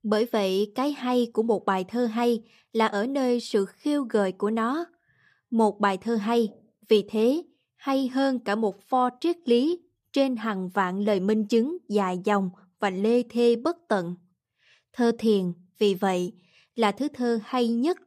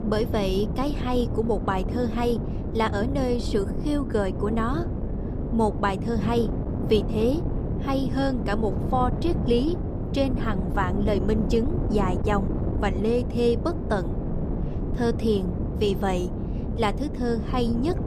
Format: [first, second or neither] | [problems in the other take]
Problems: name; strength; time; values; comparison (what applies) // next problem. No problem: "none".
first | wind noise on the microphone; heavy; 8 dB below the speech